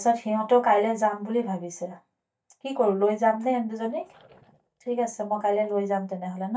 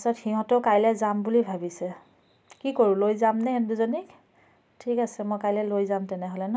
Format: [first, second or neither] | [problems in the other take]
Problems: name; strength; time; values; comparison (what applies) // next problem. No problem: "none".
second | noise reduction (neural mask model DeepFilterNet 3)